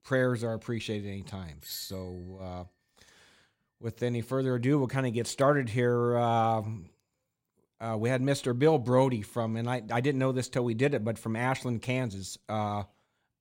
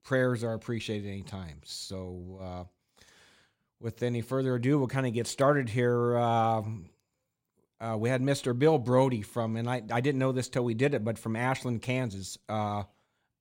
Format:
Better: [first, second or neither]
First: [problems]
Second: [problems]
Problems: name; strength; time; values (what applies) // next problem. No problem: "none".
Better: second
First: doorbell; faint; at 1.5 s; peak 15 dB below the speech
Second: none